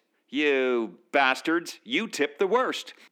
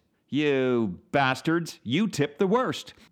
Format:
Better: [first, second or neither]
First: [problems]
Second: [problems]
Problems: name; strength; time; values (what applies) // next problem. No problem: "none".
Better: second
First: thin; somewhat; fading below 300 Hz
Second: none